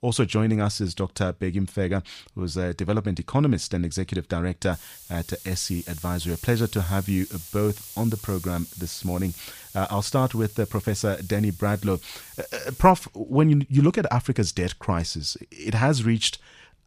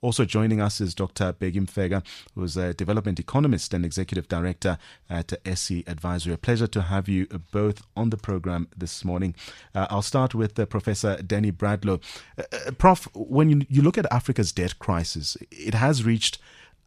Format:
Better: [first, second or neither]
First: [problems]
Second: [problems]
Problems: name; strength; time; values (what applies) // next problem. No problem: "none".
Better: second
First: hiss; noticeable; from 4.5 to 13 s; 15 dB below the speech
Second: none